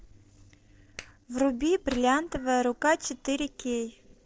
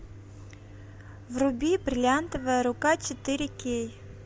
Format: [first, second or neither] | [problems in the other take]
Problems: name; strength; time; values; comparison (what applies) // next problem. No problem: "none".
second | noise reduction (neural separator model SepFormer DNS4)